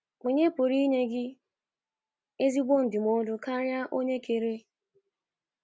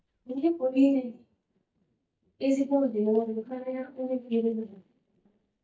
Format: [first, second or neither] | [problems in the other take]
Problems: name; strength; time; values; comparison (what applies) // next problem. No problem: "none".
first | noise reduction (neural mask model DeepFilterNet 3)